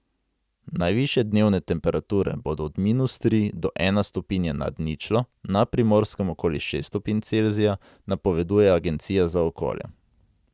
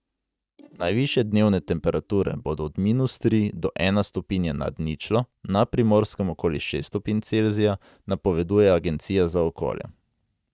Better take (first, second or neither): first